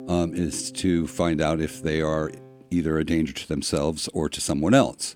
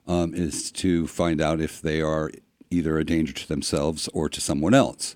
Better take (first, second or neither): second